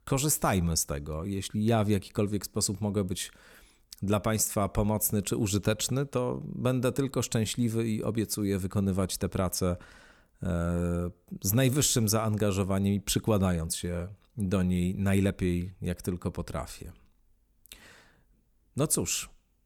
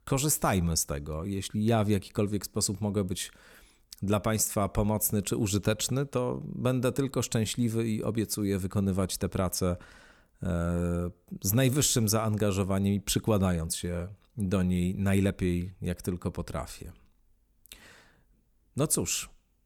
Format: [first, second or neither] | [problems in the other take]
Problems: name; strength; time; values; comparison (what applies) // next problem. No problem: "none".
neither | none